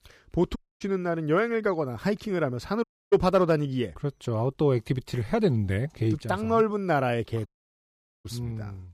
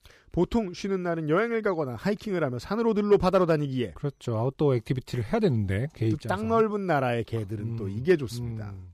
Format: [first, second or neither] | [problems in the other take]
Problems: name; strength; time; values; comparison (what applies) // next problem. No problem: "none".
second | audio cutting out; at 0.5 s, at 3 s and at 7.5 s for 1 s